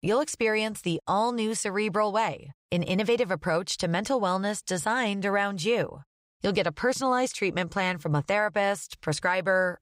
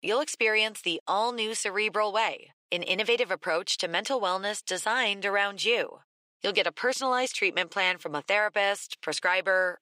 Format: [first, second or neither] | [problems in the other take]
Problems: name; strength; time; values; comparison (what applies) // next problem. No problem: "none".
first | thin; somewhat; fading below 300 Hz